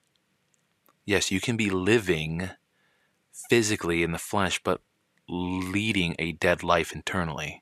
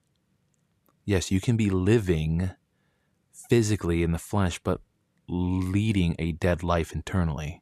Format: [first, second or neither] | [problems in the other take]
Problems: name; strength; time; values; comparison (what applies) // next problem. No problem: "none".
second | thin; somewhat; fading below 450 Hz